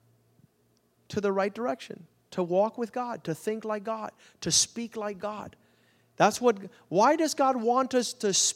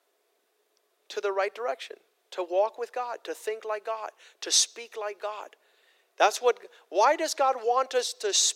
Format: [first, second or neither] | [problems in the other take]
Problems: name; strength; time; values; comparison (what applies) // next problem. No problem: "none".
first | thin; very; fading below 400 Hz